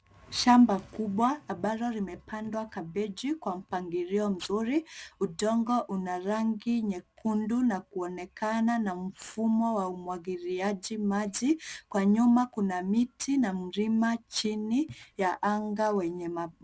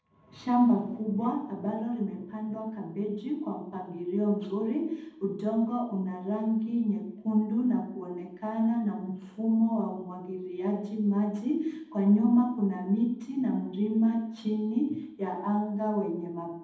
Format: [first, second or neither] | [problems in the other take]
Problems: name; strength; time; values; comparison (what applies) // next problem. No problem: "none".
first | room echo; dies away in 0.8 s